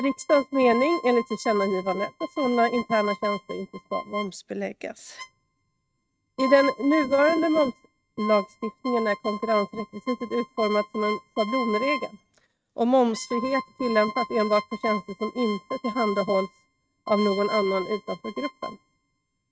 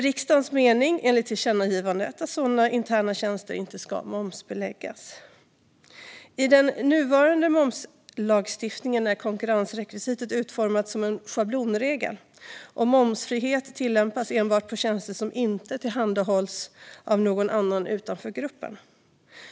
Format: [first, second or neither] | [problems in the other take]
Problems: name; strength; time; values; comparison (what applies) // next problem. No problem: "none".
second | noise reduction (neural mask model RNNoise)